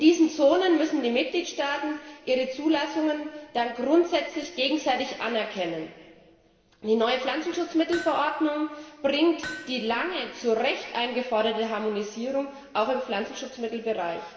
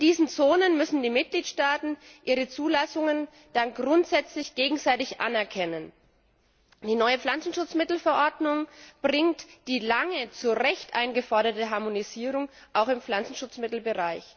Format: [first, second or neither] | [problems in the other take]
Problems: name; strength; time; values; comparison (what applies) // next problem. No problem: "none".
second | background sound (Hammer); 17 dB below the speech // room echo; dies away in 2.3 s